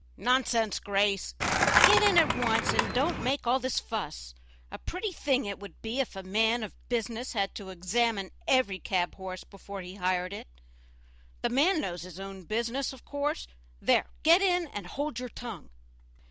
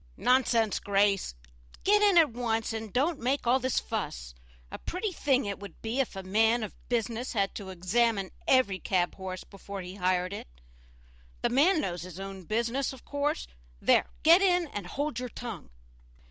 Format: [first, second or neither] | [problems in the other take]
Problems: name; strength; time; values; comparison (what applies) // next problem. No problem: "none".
second | background sound (Skateboard); 4 dB above the speech